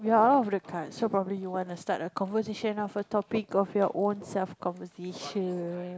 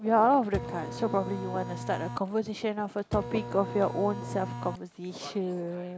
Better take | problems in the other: first | background sound (Printer); 7 dB below the speech

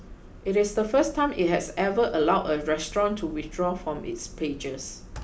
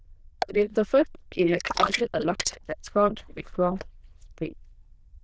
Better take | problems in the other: first | noise reduction (neural diffusion model UNIVERSE++)

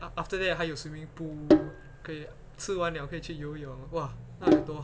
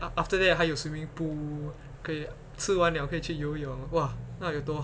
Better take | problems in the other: second | background sound (Sink (filling or washing)); 4 dB above the speech

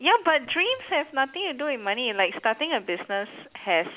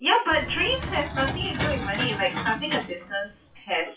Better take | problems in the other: first | noise reduction (classical method WPE with log-MMSE)

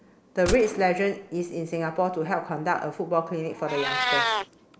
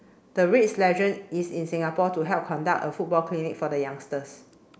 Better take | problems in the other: second | background sound (Meow + Gunshot, gunfire); 6 dB below the speech

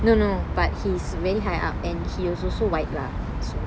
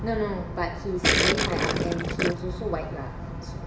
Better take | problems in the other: first | background sound (Gurgling); 4 dB above the speech // room echo; dies away in 0.8 s

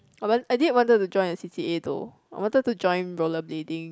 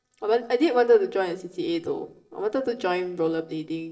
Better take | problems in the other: first | noise reduction (neural separator model SepFormer DNS4)

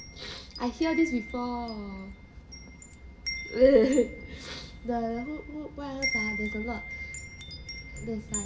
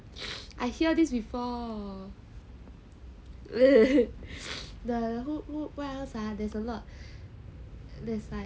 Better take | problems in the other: second | background sound (Wind chime); 10 dB below the speech // room echo; dies away in 1.4 s

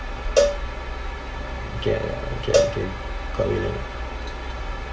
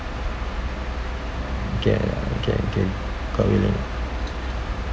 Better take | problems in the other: second | background sound (Cowbell); as loud as the speech // room echo; dies away in 0.1 s

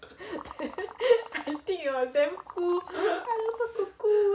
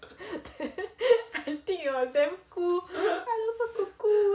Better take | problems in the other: second | background sound (Liquid); 17 dB below the speech

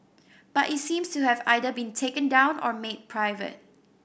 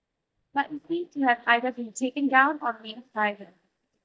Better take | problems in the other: first | noise reduction (neural mask model DeepFilterNet 3)

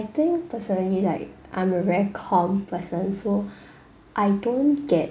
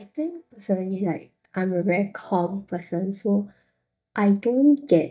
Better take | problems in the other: first | noise reduction (neural mask model DeepFilterNet 3)

